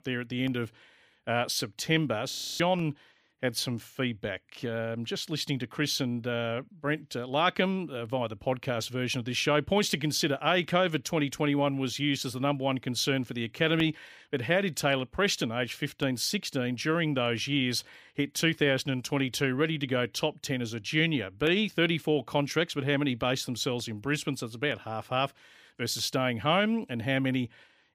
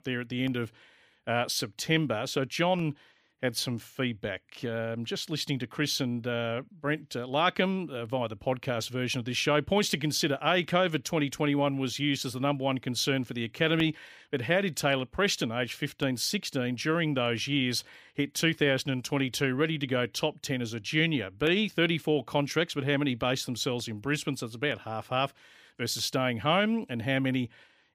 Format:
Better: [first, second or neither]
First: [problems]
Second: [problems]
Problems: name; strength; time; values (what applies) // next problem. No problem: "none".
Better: second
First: audio freezing; at 2.5 s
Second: none